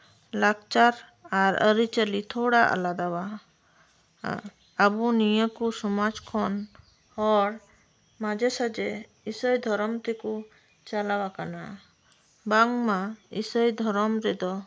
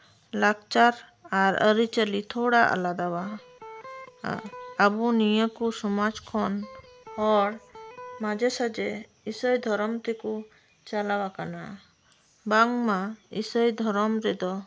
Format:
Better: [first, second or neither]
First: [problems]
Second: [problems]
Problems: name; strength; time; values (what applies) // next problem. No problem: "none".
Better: first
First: none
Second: background sound (Electric guitar); 17 dB below the speech